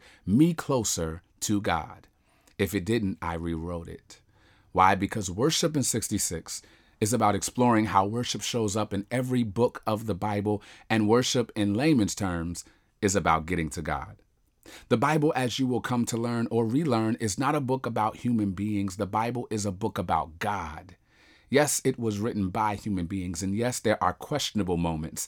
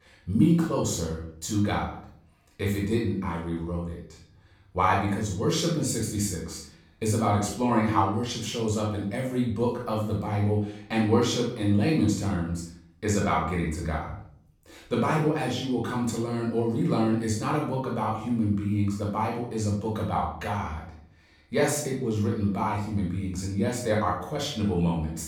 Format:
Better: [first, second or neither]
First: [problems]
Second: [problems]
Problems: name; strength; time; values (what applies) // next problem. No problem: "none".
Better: first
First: none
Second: off-mic speech; far // room echo; noticeable; dies away in 0.5 s